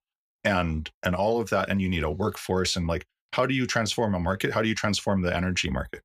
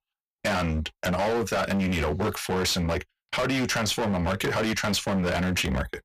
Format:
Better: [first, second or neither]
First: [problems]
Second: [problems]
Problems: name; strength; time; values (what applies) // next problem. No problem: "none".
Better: first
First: none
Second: distortion; heavy; 26% of the sound clipped